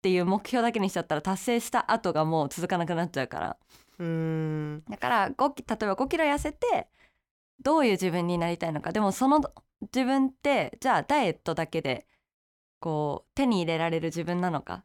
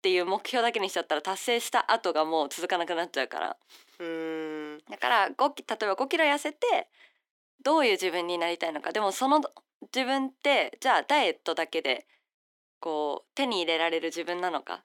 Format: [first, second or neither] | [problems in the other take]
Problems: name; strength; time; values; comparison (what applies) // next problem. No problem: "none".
first | thin; somewhat; fading below 300 Hz